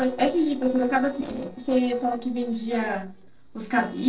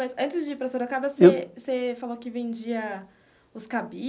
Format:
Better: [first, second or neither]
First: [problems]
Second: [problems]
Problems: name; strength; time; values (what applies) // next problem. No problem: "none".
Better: second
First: noise reduction (neural separator model SepFormer DNS4)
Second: none